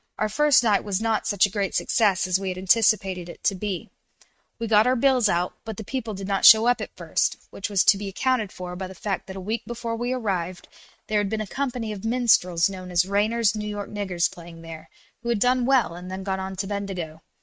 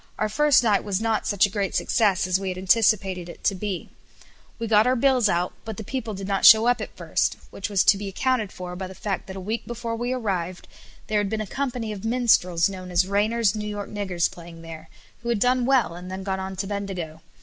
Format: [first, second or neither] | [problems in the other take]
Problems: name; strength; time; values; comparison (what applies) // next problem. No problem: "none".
second | noise reduction (neural mask model RNNoise)